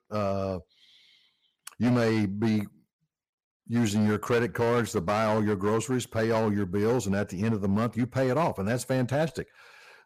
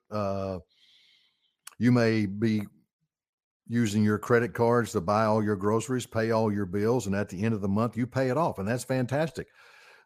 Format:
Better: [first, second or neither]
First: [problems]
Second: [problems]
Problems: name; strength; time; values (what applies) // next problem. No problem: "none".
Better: second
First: distortion; slight; 8% of the sound clipped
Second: none